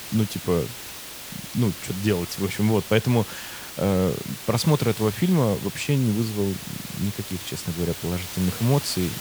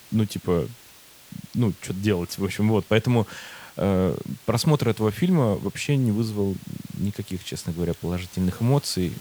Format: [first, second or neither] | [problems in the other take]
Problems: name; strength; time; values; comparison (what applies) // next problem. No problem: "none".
second | hiss; loud; throughout; 9 dB below the speech; faint in the second